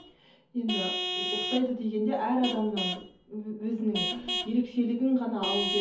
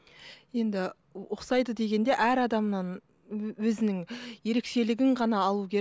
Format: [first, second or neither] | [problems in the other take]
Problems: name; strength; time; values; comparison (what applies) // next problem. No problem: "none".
second | background sound (Vehicle horn, car horn, honking / Truck); 5 dB below the speech // room echo; dies away in 0.5 s